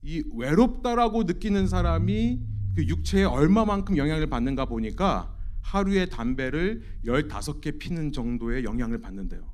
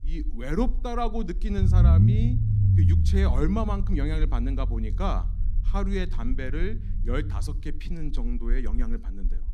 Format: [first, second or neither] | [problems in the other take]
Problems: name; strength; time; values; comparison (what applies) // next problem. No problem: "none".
first | low rumble; loud; throughout; 5 dB below the speech; faint in the first